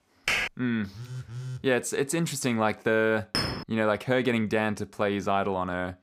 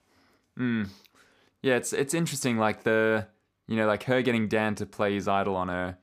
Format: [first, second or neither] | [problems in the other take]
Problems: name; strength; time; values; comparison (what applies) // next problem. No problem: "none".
second | keyboard typing; loud; at 0.5 s; peak 1 dB above the speech // phone ringing; noticeable; at 1 s; peak 10 dB below the speech // clattering dishes; noticeable; at 3.5 s; peak 2 dB below the speech